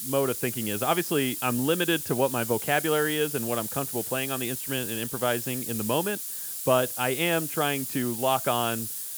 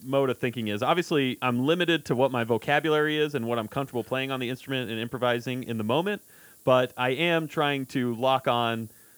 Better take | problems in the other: second | hiss; loud; throughout; 4 dB below the speech; faint in the second

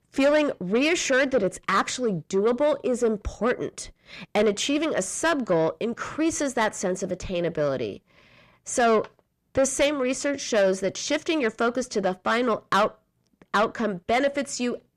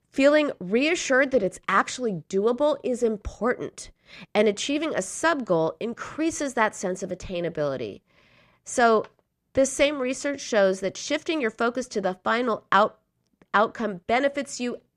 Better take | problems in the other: second | distortion; slight; 10 dB below the speech

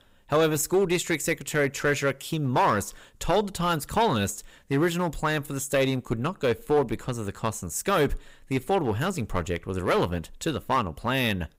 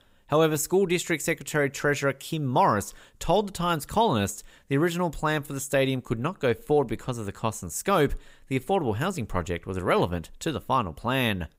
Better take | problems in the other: second | distortion; slight; 4% of the sound clipped

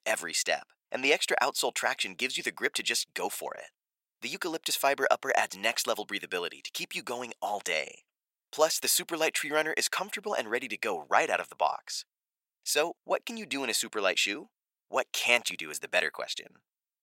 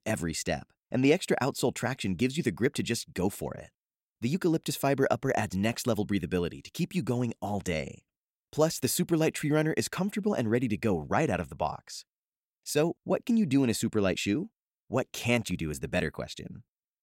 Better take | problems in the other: second | thin; very; fading below 800 Hz

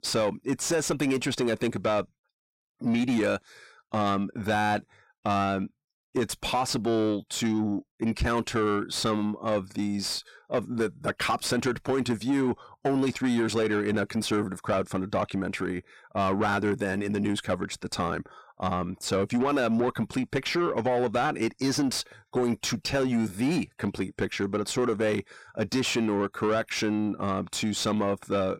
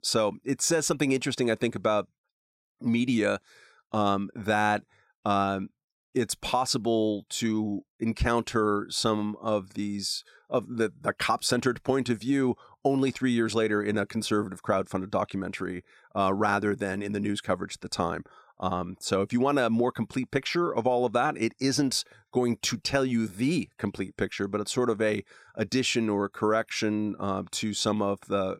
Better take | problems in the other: second | distortion; slight; 10 dB below the speech

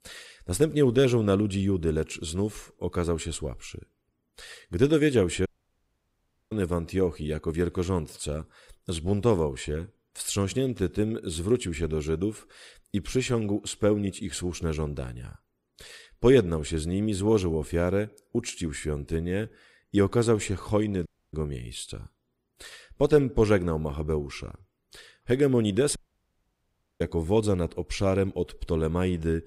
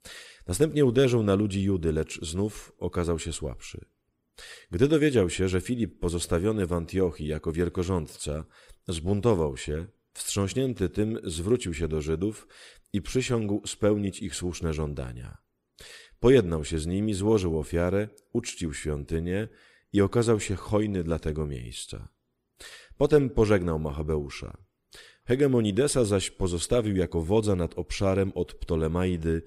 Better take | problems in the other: second | audio cutting out; at 5.5 s for 1 s, at 21 s and at 26 s for 1 s

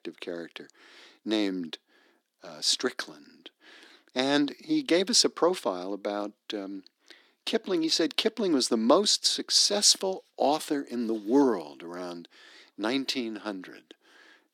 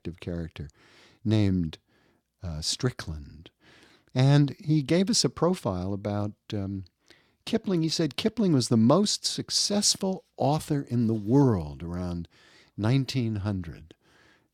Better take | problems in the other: second | thin; somewhat; fading below 250 Hz

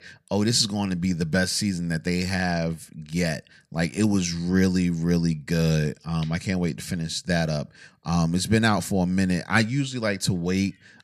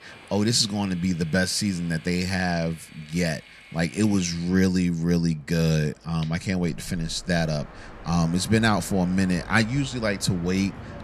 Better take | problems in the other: first | train or aircraft noise; noticeable; throughout; 20 dB below the speech

